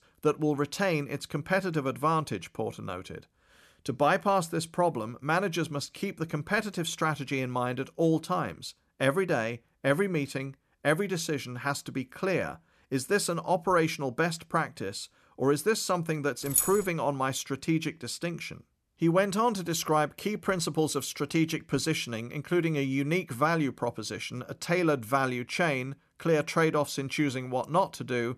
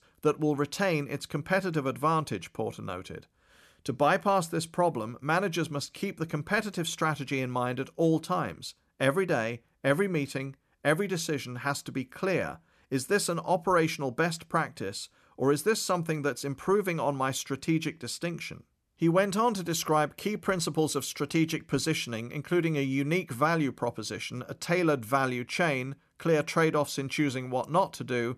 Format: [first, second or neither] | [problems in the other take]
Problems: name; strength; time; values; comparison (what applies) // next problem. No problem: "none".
second | jangling keys; loud; at 16 s; peak 3 dB above the speech